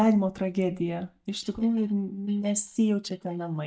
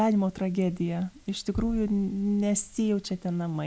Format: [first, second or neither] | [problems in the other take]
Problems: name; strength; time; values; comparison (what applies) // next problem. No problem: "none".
second | noise reduction (neural mask model DeepFilterNet 3)